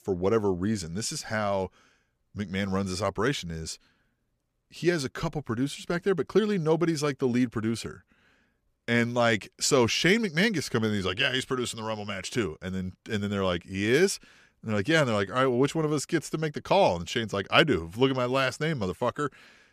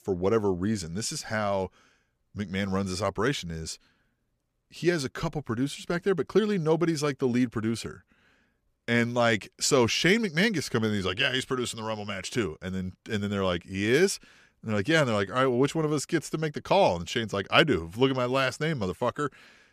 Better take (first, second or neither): neither